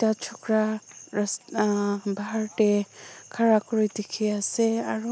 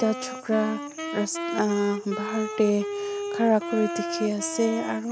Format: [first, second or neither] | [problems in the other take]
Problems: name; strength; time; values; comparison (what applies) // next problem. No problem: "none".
first | background sound (Wind instrument, woodwind instrument); 6 dB below the speech